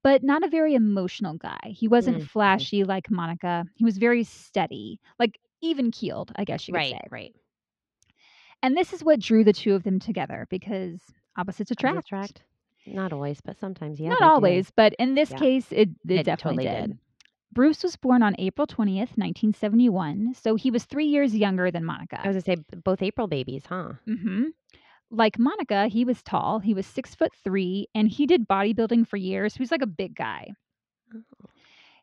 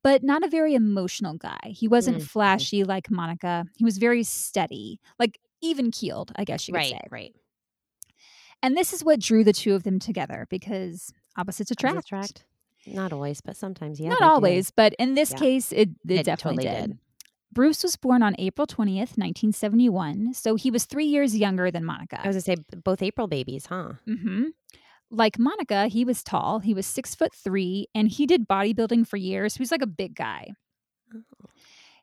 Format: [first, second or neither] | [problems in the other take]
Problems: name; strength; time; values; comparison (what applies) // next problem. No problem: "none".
second | muffled; slightly; fading above 3.5 kHz